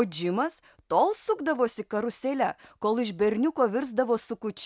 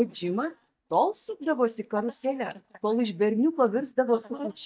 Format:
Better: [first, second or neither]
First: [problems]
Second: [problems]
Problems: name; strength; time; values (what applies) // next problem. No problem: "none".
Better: first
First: none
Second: noise reduction (neural mask model DeepFilterNet 3)